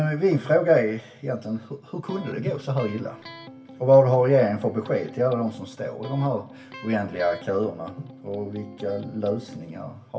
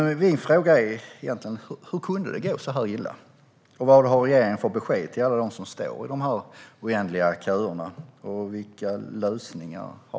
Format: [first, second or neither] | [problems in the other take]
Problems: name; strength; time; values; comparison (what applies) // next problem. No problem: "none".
second | background sound (Electric guitar); 18 dB below the speech // room echo; dies away in 0.2 s